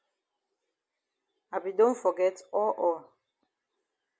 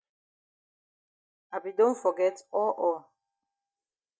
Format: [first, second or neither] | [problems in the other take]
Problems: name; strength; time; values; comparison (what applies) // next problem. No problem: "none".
first | noise reduction (neural mask model DeepFilterNet 3)